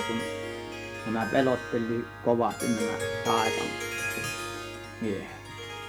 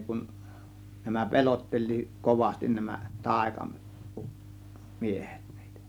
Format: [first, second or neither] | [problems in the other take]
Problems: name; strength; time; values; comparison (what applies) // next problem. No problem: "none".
second | background sound (Harp); 4 dB below the speech